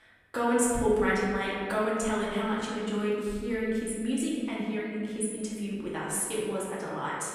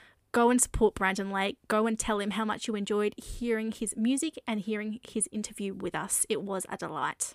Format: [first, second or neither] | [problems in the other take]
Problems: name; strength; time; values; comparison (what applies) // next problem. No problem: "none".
second | room echo; noticeable; dies away in 1.8 s // off-mic speech; far